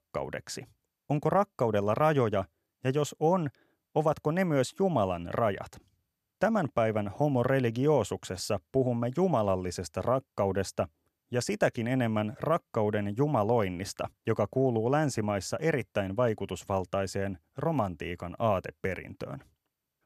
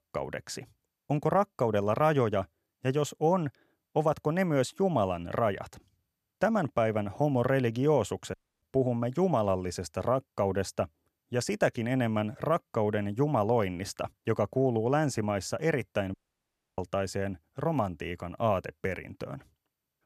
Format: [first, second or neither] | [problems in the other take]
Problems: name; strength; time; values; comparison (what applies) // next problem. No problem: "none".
first | audio cutting out; at 8.5 s and at 16 s for 0.5 s